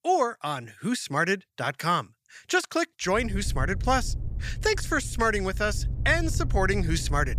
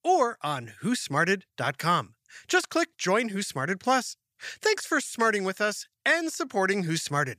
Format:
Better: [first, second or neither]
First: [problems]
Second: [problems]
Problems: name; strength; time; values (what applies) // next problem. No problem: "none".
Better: second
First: low rumble; faint; from 3 s on; 20 dB below the speech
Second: none